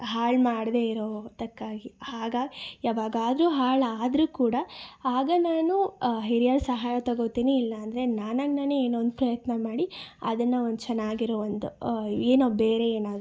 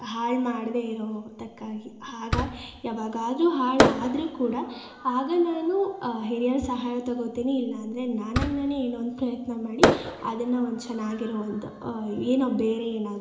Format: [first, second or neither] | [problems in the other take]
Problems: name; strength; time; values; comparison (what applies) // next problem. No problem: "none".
first | background sound (Fireworks); 4 dB below the speech // room echo; dies away in 0.8 s